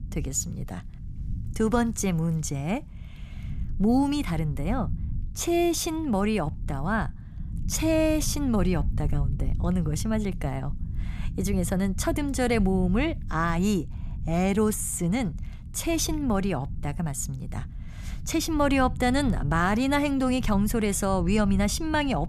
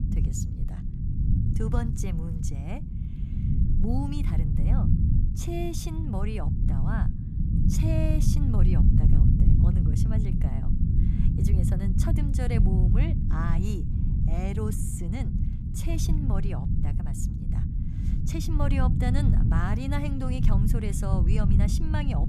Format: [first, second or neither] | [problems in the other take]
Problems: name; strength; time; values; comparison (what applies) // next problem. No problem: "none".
first | low rumble; loud; throughout; 1 dB below the speech; faint in the first